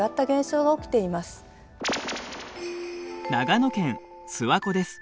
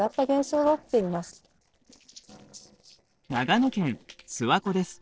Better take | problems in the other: first | noise reduction (neural separator model SepFormer DNS4)

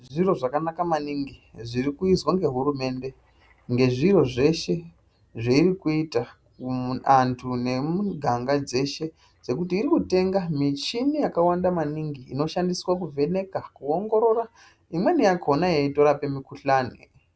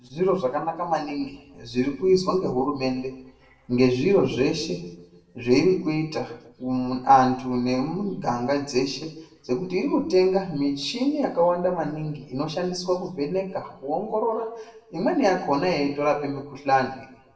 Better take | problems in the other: first | room echo; dies away in 0.7 s

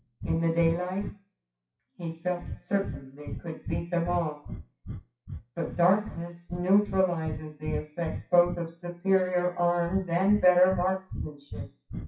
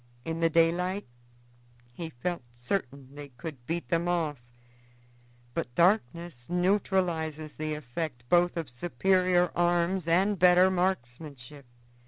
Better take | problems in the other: second | noise reduction (classical method WPE with log-MMSE)

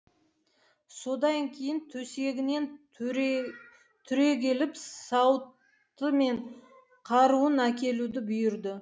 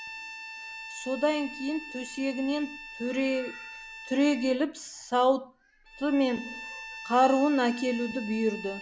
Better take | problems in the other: first | background sound (Bowed string instrument); 14 dB below the speech

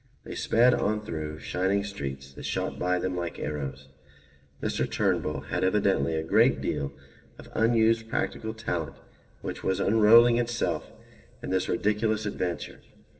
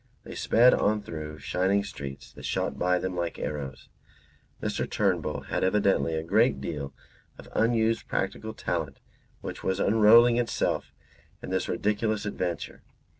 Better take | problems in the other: second | room echo; dies away in 1.3 s

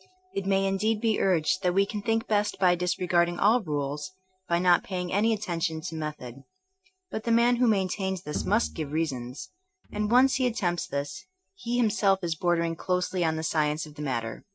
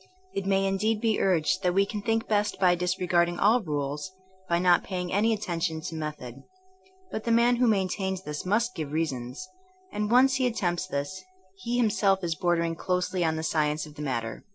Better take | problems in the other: second | noise reduction (neural mask model RNNoise)

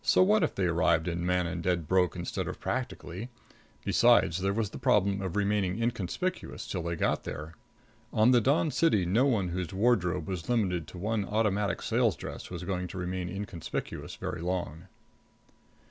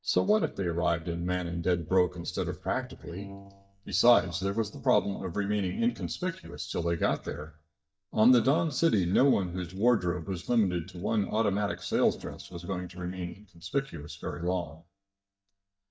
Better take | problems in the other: first | noise reduction (neural mask model DeepFilterNet 3)

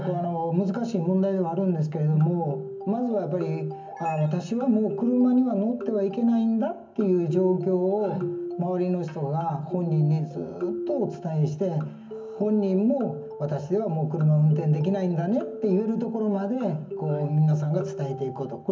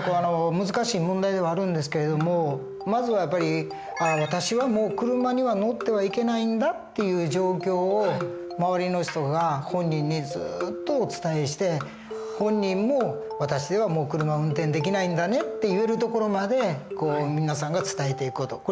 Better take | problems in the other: second | room echo; dies away in 0.3 s

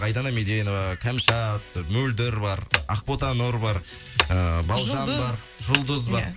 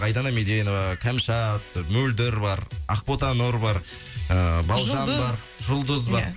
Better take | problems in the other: second | background sound (Hammer); 8 dB below the speech

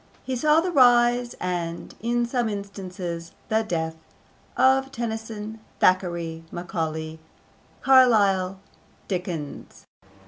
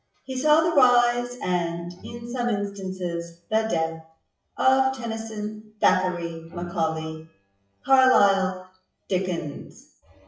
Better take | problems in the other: first | noise reduction (classical method WPE with log-MMSE)

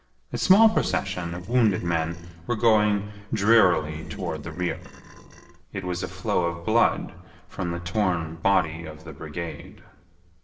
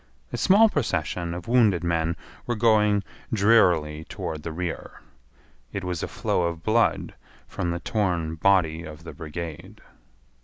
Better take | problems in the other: second | noise reduction (neural separator model SepFormer DNS4)

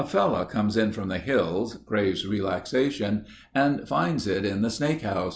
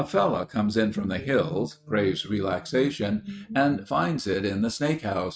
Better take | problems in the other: first | noise reduction (neural mask model RNNoise)

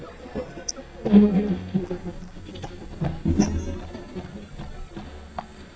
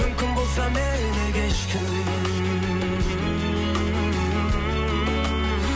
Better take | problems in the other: second | noise reduction (neural mask model DeepFilterNet 3)

